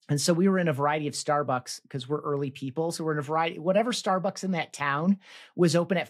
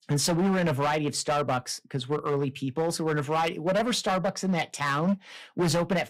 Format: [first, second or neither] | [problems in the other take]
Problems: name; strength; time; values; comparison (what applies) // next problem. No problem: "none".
first | distortion; heavy; 14% of the sound clipped